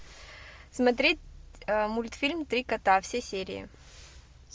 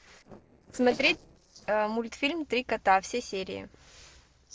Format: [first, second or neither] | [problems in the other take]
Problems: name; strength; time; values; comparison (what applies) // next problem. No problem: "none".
first | noise reduction (neural separator model SepFormer DNS4)